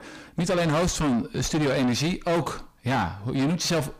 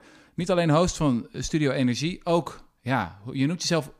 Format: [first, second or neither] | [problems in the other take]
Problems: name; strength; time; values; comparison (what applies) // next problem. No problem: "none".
second | distortion; heavy; 5 dB below the speech